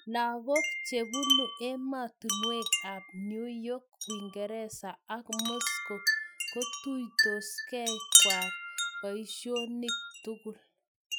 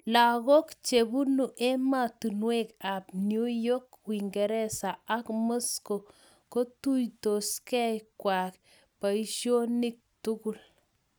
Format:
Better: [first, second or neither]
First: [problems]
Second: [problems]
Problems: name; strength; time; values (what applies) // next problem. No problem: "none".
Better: second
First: noise reduction (classical method Wiener filter)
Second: none